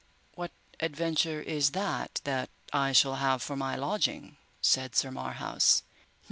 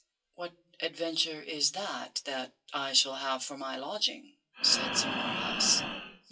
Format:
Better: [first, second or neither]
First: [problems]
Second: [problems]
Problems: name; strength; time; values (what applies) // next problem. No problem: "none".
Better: first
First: none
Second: noise reduction (classical method WPE with log-MMSE)